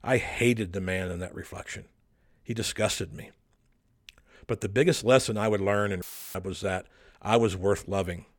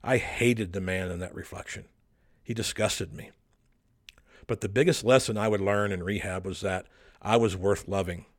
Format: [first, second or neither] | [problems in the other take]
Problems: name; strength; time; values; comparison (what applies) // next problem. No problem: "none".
second | audio cutting out; filled with static; at 6 s